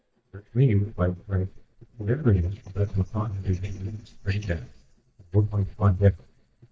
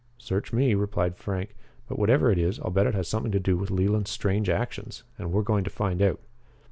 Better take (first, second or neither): second